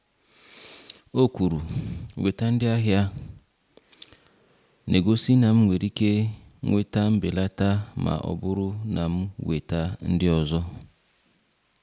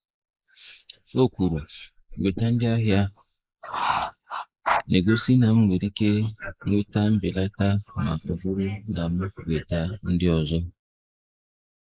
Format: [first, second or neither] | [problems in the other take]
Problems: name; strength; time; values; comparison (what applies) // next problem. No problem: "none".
first | noise reduction (neural mask model Resemble Enhance denoiser)